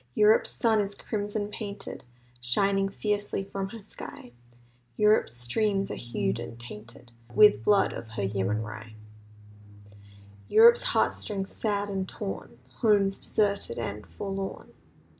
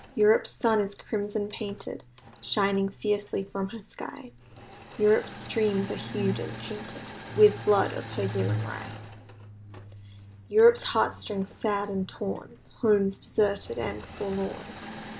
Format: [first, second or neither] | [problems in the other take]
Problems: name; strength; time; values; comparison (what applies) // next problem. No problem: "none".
first | background sound (Engine / Mechanisms); 17 dB below the speech